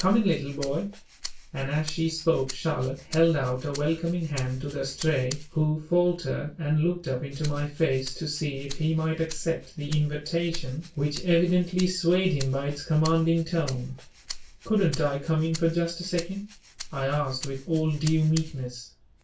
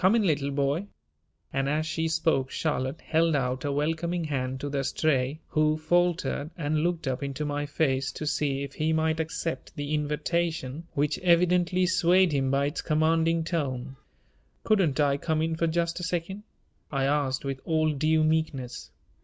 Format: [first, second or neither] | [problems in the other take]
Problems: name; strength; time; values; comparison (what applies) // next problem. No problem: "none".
second | background sound (Rattle (instrument)); 13 dB below the speech // room echo; dies away in 0.2 s